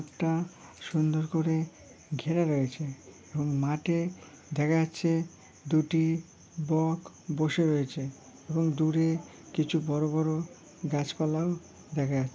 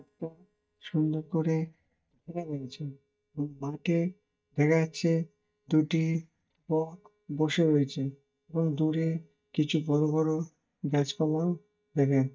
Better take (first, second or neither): first